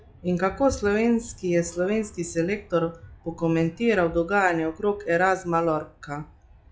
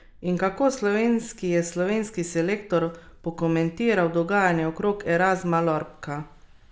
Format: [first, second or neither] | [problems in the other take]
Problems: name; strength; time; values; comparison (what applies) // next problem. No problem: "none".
second | noise reduction (classical method log-MMSE)